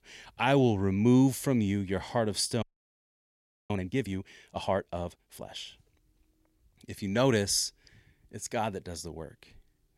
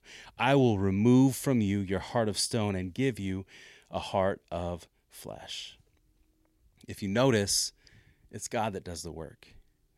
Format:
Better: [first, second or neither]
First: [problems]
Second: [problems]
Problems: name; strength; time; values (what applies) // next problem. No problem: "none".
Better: second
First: audio freezing; at 2.5 s for 1 s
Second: none